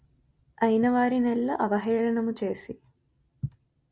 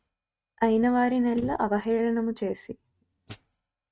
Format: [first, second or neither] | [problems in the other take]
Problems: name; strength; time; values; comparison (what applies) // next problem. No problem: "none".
first | noise reduction (neural mask model RNNoise)